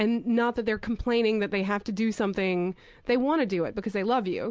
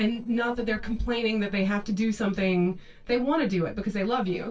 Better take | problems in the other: first | noise reduction (neural separator model SepFormer DNS4)

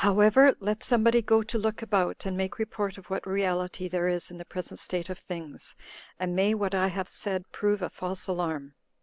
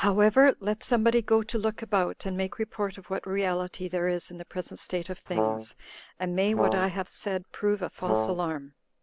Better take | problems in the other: first | background sound (Brass instrument); 2 dB below the speech

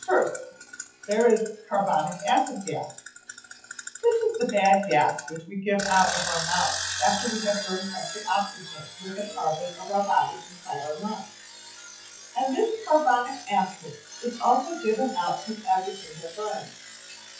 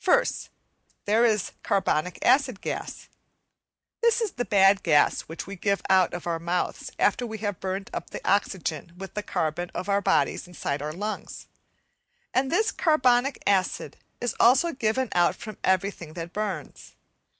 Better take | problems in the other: second | noise reduction (classical method WPE with log-MMSE)

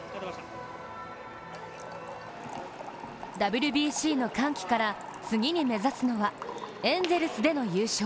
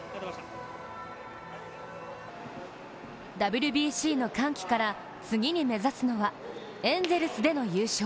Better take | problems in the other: second | background sound (Fill (with liquid) / Trickle, dribble); 15 dB below the speech

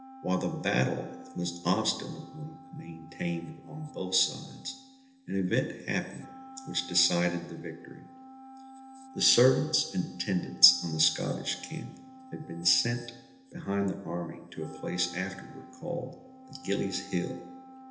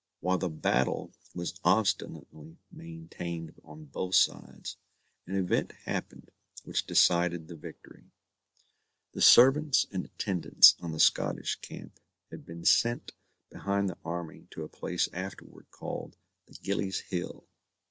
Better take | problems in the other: second | background sound (Wind instrument, woodwind instrument); 18 dB below the speech // room echo; dies away in 1.4 s

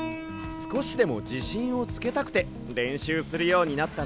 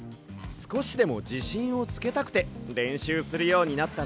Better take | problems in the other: second | background sound (Piano); 12 dB below the speech

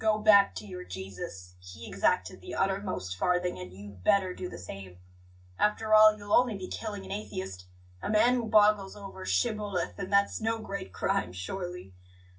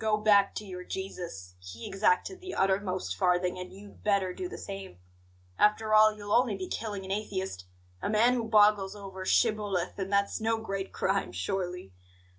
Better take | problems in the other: second | room echo; dies away in 0.4 s

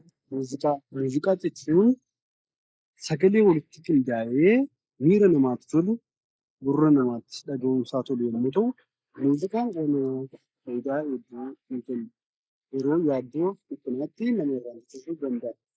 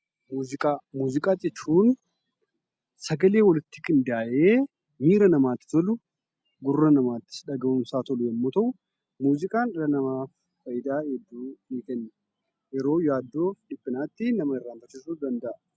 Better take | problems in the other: second | noise reduction (neural mask model Resemble Enhance denoiser)

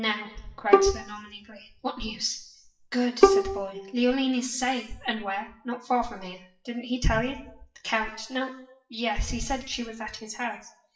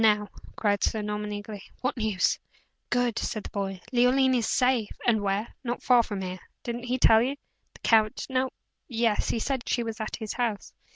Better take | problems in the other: second | noise reduction (classical method WPE with log-MMSE)

